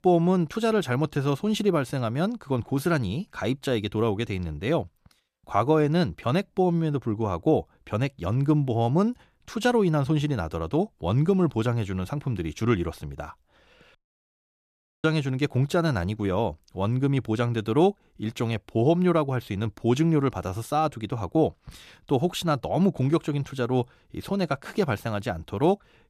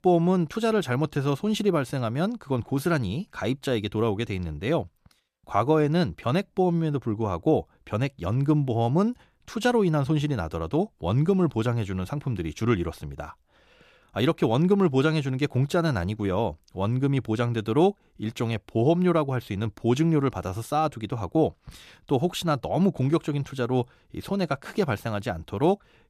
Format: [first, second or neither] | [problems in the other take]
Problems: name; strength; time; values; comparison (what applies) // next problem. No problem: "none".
second | audio cutting out; at 14 s for 1 s